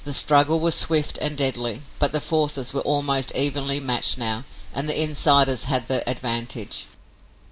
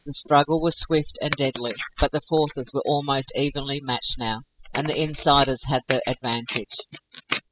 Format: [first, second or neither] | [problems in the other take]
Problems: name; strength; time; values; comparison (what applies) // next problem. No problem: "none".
first | noise reduction (classical method spectral subtraction)